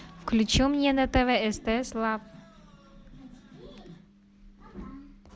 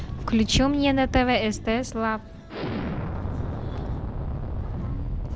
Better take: first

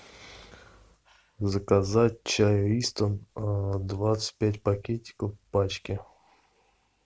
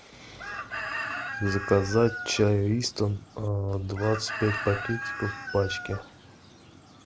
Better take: first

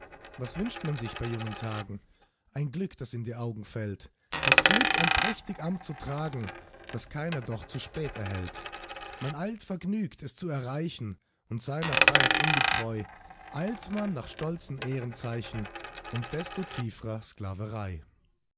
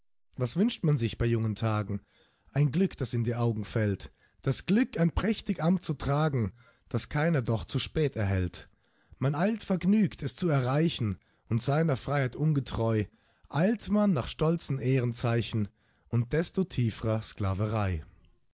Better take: second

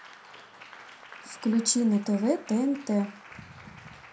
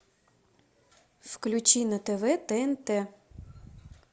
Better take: second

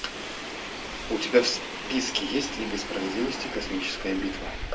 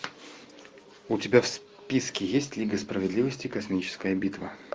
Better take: second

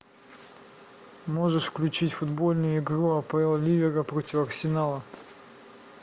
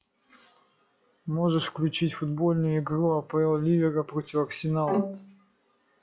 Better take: first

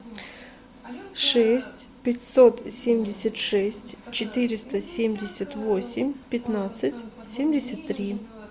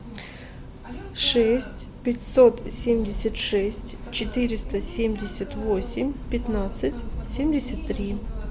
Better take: first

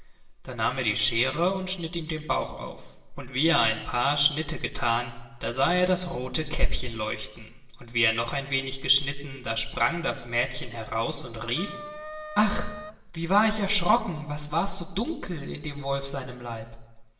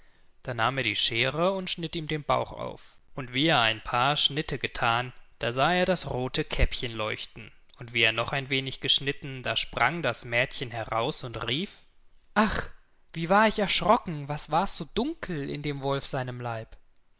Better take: second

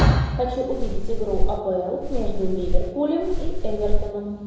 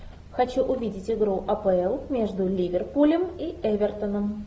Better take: second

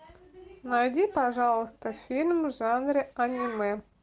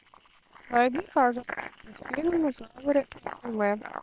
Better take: first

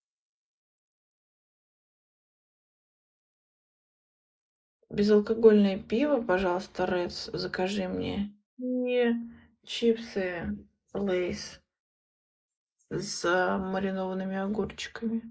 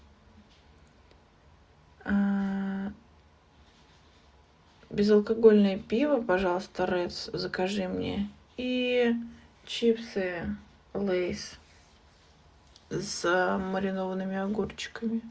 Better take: second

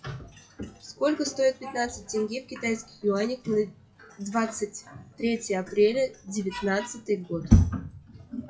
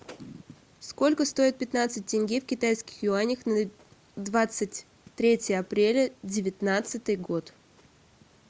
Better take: second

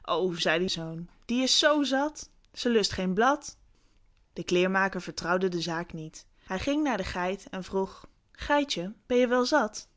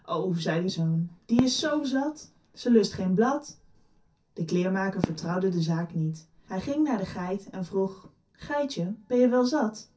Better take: first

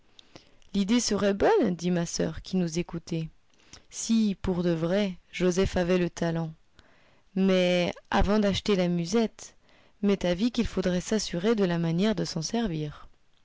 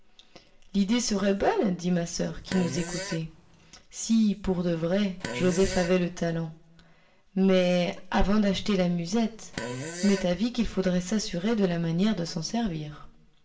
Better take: first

